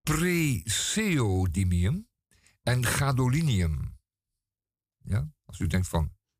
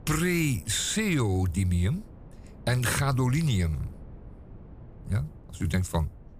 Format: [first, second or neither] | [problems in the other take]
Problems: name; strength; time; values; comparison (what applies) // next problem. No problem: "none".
first | wind noise on the microphone; occasional gusts; 25 dB below the speech